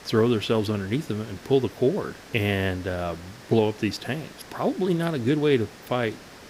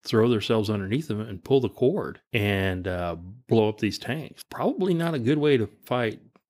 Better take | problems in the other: second | hiss; noticeable; throughout; 20 dB below the speech

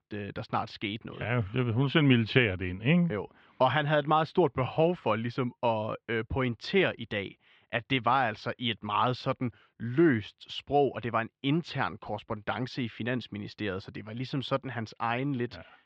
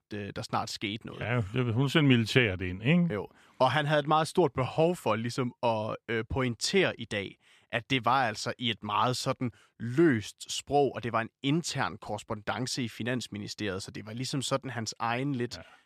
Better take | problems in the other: second | muffled; slightly; fading above 3.5 kHz

